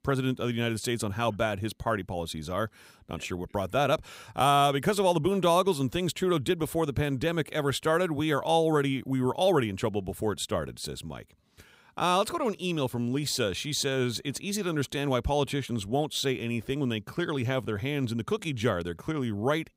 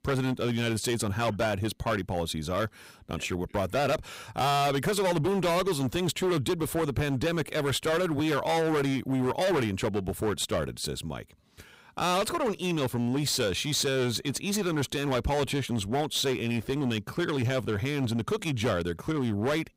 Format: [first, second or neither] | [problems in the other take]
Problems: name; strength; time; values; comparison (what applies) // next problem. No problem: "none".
first | distortion; heavy; 16% of the sound clipped